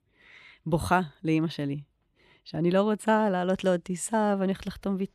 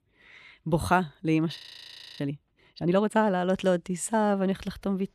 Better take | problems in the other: first | audio freezing; at 1.5 s for 0.5 s

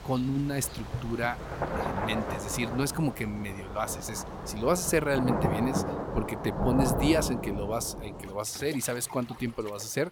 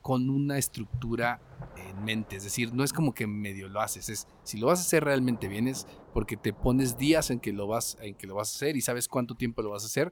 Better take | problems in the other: second | rain or running water; loud; throughout; 3 dB below the speech; faint in the second

